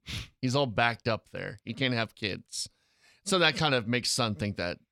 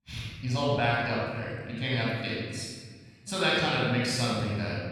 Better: first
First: none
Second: off-mic speech; far // room echo; strong; dies away in 1.6 s

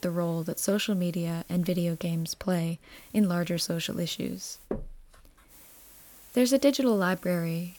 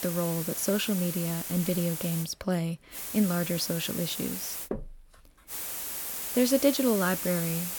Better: first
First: hiss; faint; until 2 s, from 3 to 4.5 s and from 5.5 s on; 20 dB below the speech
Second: hiss; loud; until 2 s, from 3 to 4.5 s and from 5.5 s on; 4 dB below the speech

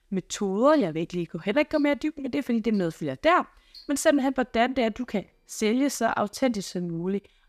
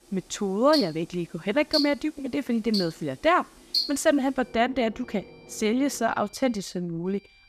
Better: first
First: household noises; faint; throughout; 25 dB below the speech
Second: household noises; loud; throughout; 3 dB below the speech

